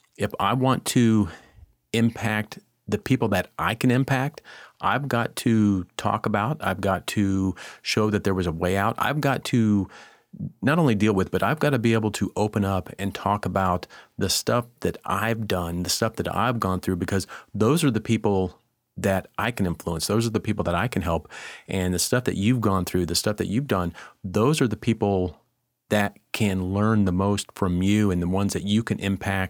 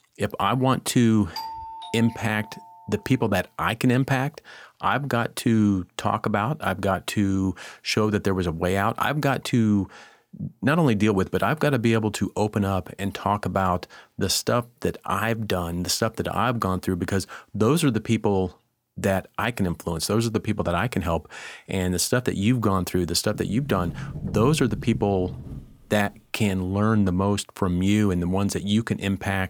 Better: first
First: none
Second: doorbell; noticeable; from 1.5 to 3 s; peak 10 dB below the speech // door banging; noticeable; from 23 to 26 s; peak 8 dB below the speech

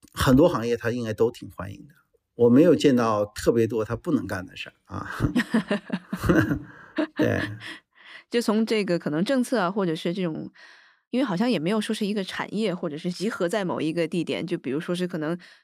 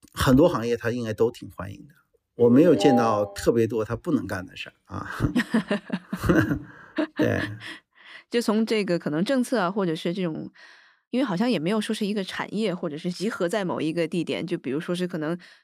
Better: first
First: none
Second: phone ringing; noticeable; at 2.5 s; peak 1 dB below the speech

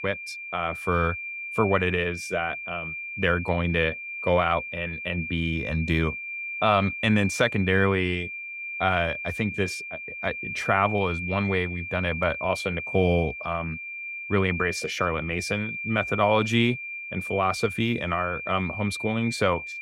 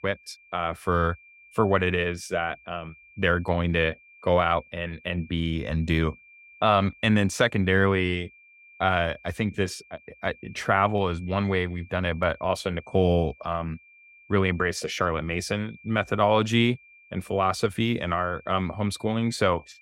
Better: second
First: high-pitched whine; loud; throughout; 2.5 kHz, 6 dB below the speech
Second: high-pitched whine; faint; throughout; 2.5 kHz, 25 dB below the speech

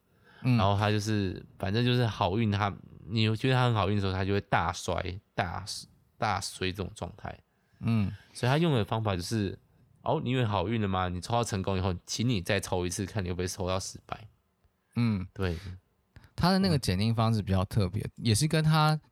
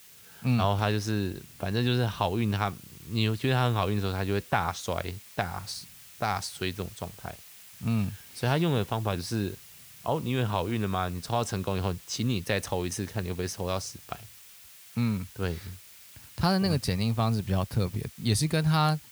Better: first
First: none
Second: hiss; noticeable; throughout; 20 dB below the speech

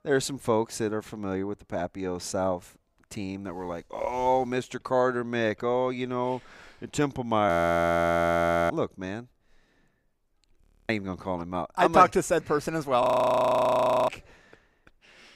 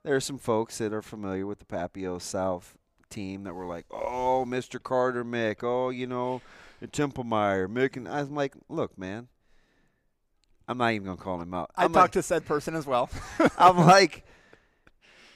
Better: second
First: audio freezing; at 7.5 s for 1 s, at 11 s and at 13 s for 1 s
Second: none

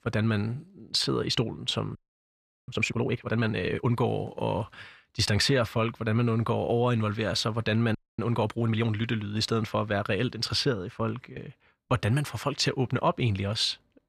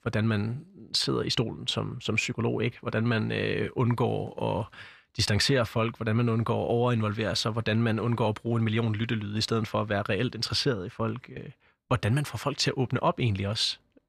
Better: second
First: audio freezing; at 2 s for 0.5 s and at 8 s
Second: none

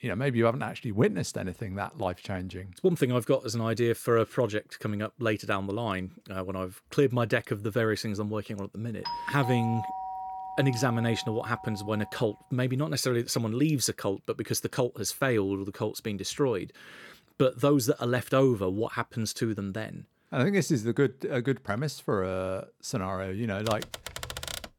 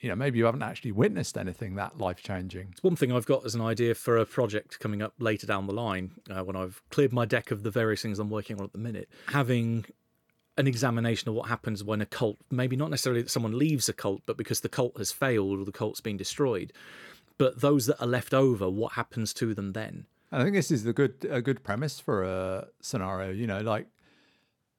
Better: second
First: doorbell; noticeable; from 9 to 12 s; peak 5 dB below the speech // keyboard typing; noticeable; from 24 s on; peak 7 dB below the speech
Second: none

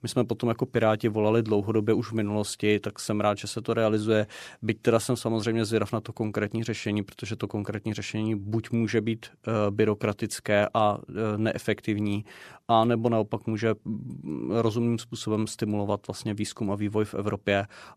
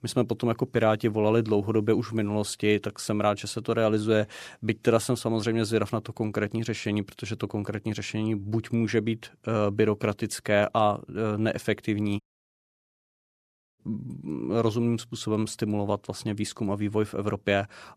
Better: first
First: none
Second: audio cutting out; at 12 s for 1.5 s

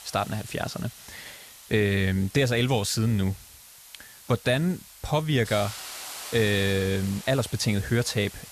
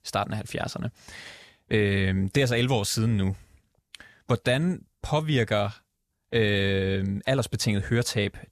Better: second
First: hiss; noticeable; throughout; 15 dB below the speech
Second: none

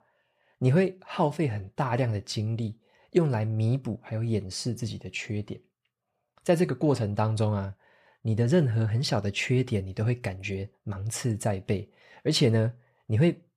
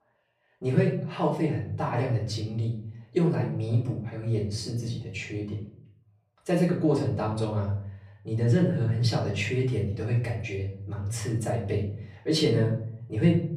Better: first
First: none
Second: off-mic speech; far // room echo; slight; dies away in 0.5 s

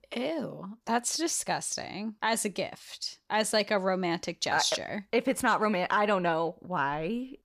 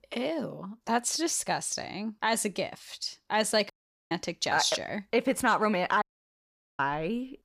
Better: first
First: none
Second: audio cutting out; at 3.5 s and at 6 s for 1 s

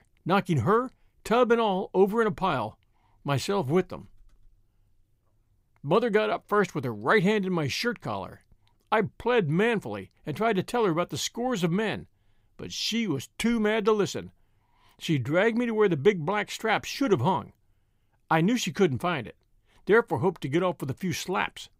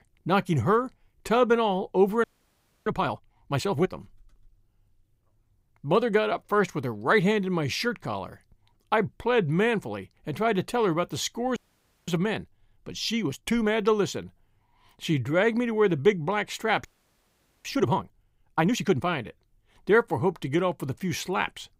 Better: first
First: none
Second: audio freezing; at 2 s for 0.5 s, at 12 s for 0.5 s and at 17 s for 1 s

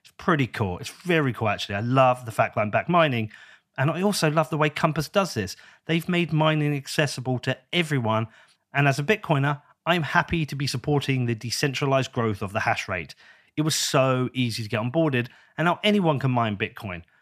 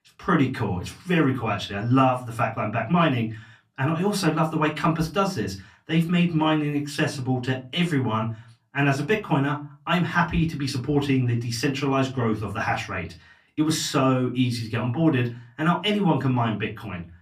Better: first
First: none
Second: off-mic speech; far // room echo; very slight; dies away in 0.3 s

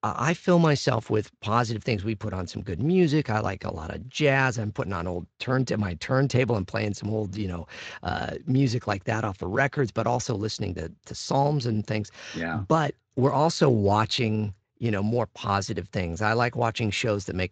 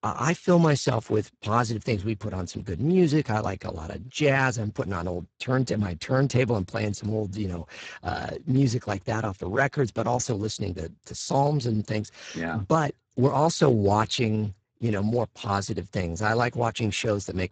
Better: first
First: garbled, watery; slightly; nothing above 7.5 kHz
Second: garbled, watery; badly; nothing above 7.5 kHz

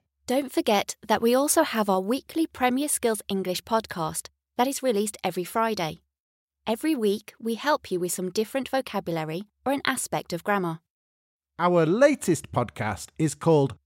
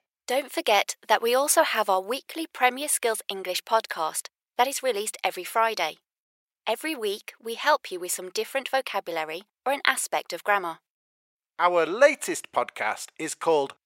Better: first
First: none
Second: thin; very; fading below 600 Hz

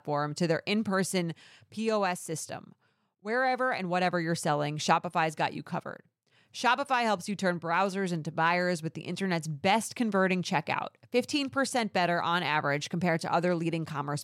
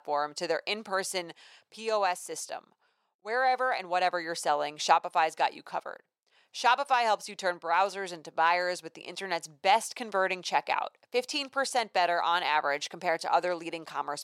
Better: first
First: none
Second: thin; very; fading below 500 Hz

